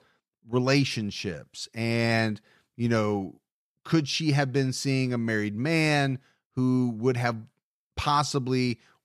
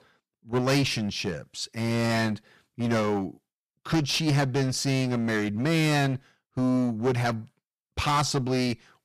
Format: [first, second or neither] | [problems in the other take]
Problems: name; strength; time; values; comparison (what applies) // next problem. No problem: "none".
first | distortion; heavy; 12% of the sound clipped